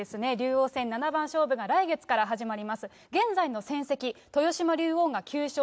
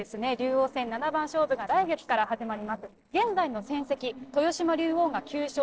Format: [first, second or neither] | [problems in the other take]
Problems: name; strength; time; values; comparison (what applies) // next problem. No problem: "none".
first | noise reduction (neural separator model SepFormer DNS4)